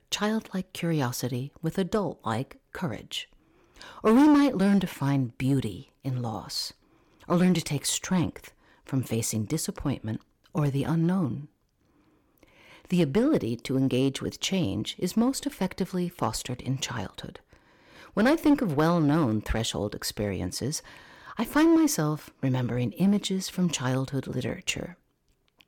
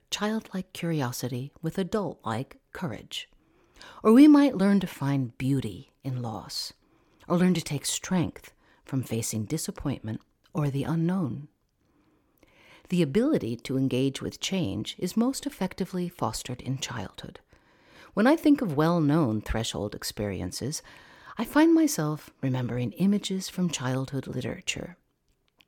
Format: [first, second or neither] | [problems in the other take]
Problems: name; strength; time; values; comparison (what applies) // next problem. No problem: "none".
second | distortion; slight; 3% of the sound clipped